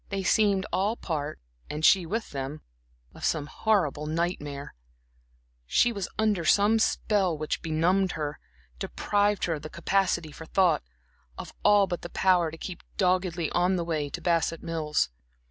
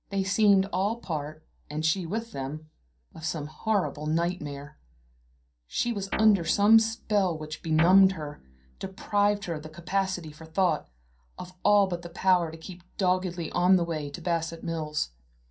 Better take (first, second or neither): first